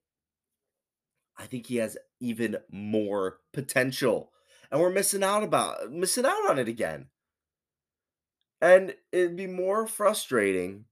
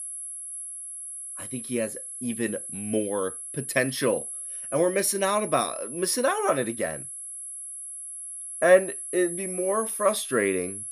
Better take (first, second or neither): first